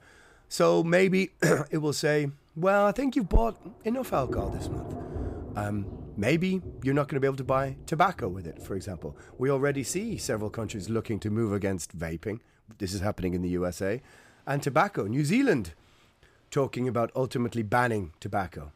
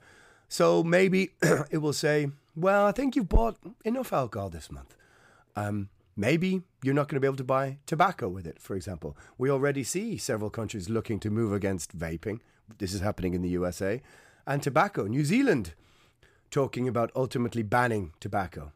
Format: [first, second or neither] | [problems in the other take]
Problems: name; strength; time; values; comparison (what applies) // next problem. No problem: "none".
second | rain or running water; noticeable; throughout; 15 dB below the speech